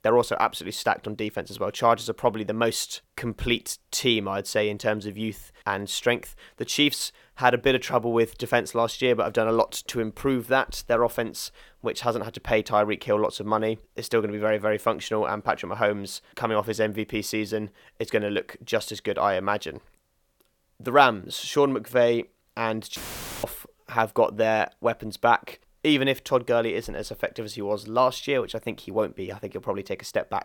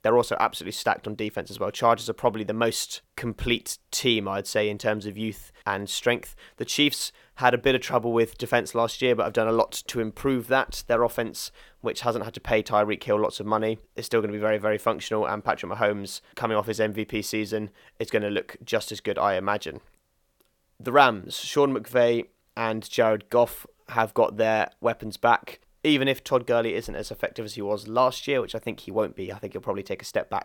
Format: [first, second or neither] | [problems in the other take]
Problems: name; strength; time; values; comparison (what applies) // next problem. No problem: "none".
second | audio cutting out; filled with static; at 23 s